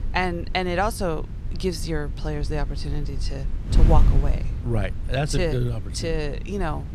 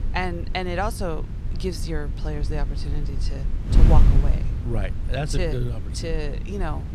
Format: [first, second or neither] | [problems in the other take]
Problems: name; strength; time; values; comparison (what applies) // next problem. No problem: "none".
first | wind noise on the microphone; heavy; 8 dB below the speech; occasional gusts in the first